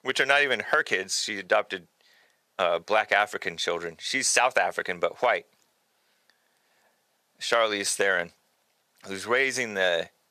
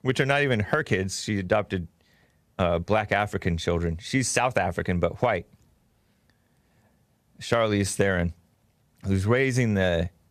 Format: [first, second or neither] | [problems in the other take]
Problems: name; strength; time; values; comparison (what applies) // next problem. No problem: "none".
second | thin; very; fading below 550 Hz